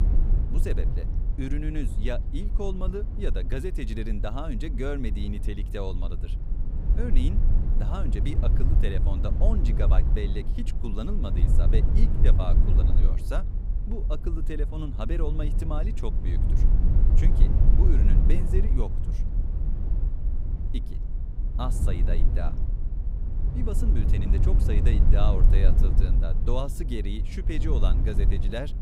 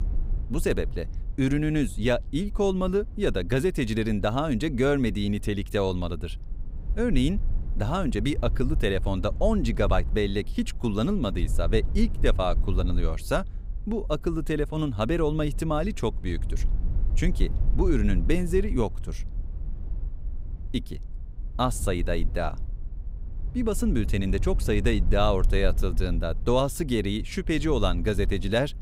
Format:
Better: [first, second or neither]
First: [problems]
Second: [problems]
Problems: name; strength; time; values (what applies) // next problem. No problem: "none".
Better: second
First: low rumble; loud; throughout; 5 dB below the speech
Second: low rumble; faint; throughout; 20 dB below the speech